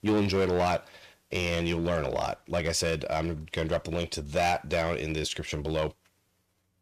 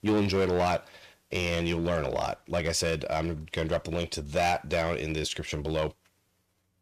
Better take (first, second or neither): neither